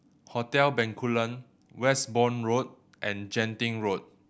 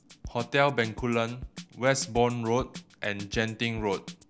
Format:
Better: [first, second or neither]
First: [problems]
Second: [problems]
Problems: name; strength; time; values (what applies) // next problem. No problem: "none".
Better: first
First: none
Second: background sound (Drum kit); 15 dB below the speech